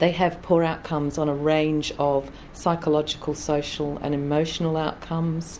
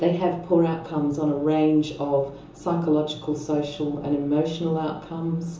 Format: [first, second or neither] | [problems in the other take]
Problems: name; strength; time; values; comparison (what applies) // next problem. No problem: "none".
first | room echo; dies away in 0.6 s